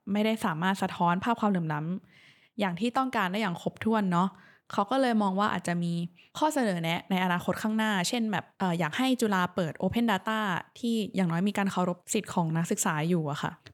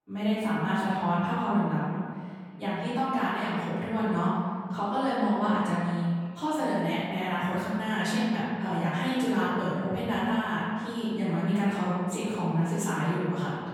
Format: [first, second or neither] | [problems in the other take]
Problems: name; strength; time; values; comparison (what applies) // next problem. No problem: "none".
first | off-mic speech; far // room echo; strong; dies away in 1.9 s